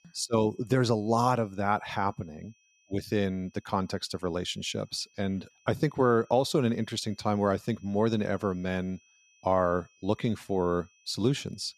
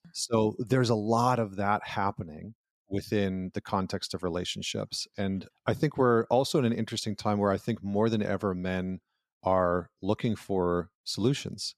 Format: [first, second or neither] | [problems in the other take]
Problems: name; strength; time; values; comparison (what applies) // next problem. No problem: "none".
second | high-pitched whine; faint; throughout; 2.5 kHz, 35 dB below the speech